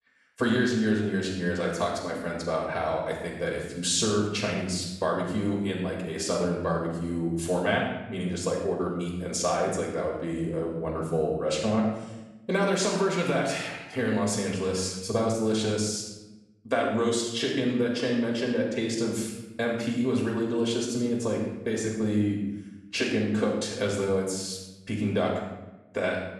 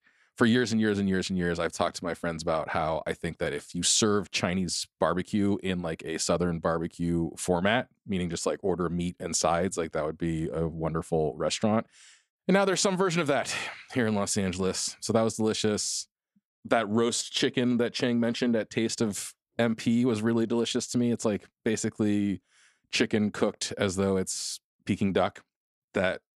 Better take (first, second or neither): second